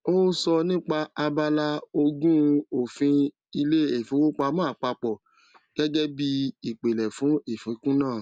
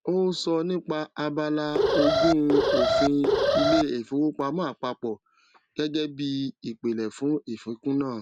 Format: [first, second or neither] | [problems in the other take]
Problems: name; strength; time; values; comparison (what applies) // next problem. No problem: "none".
first | background sound (Alarm); 4 dB above the speech